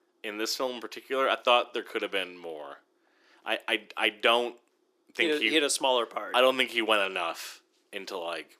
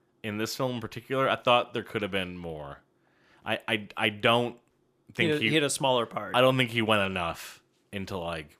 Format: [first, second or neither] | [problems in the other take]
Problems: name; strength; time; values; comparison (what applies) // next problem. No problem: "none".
second | thin; somewhat; fading below 300 Hz